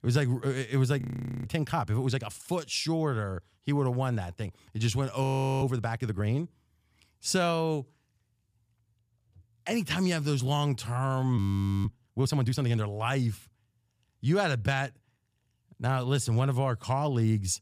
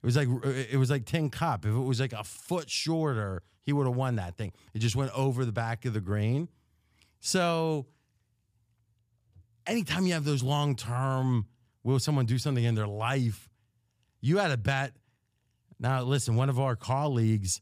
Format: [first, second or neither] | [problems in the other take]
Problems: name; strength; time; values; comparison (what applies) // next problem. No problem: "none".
second | audio freezing; at 1 s, at 5 s and at 11 s